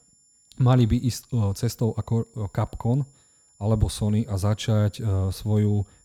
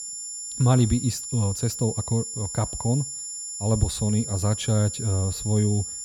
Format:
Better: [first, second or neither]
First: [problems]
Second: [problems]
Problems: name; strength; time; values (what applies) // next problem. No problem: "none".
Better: first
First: high-pitched whine; faint; throughout; 7 kHz, 30 dB below the speech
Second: high-pitched whine; loud; throughout; 7 kHz, 6 dB below the speech